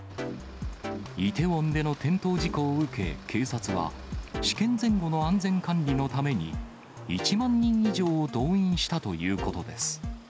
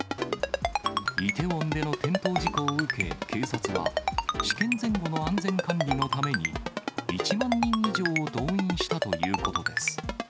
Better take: first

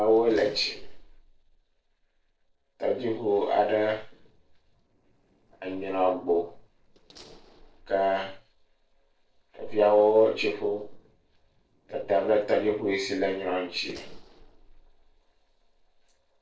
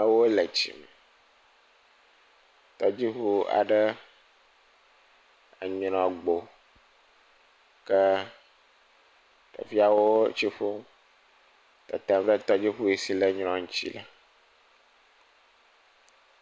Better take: second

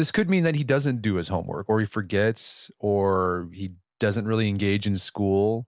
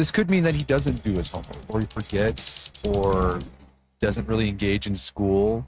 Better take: first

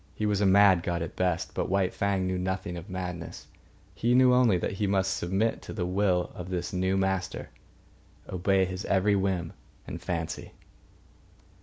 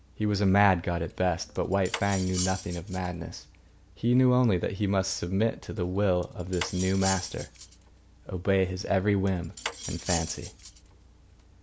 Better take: first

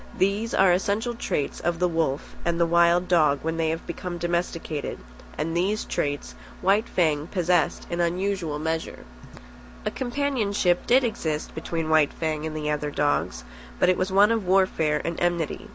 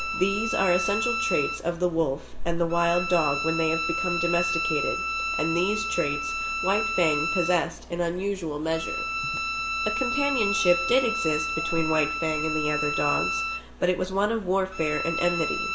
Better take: first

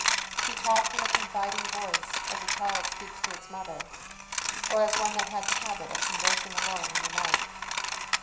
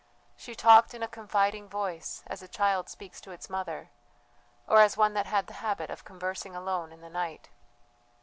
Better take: second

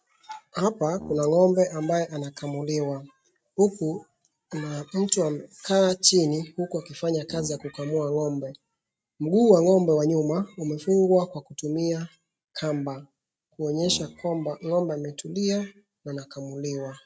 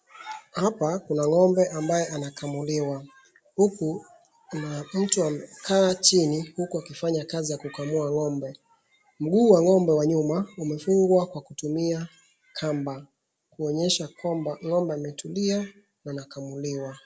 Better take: second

